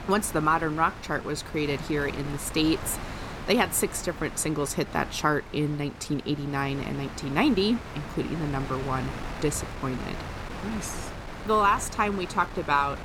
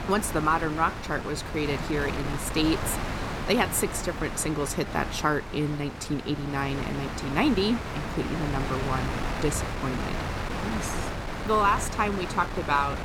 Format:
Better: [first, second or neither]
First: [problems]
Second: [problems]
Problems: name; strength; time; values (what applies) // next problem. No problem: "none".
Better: first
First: wind noise on the microphone; occasional gusts; 10 dB below the speech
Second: wind noise on the microphone; heavy; 6 dB below the speech